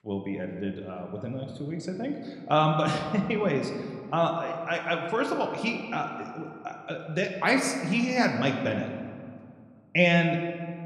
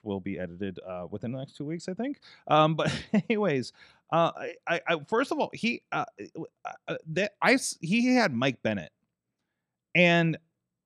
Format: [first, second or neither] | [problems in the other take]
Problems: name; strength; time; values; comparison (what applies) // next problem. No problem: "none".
second | room echo; slight; dies away in 1.7 s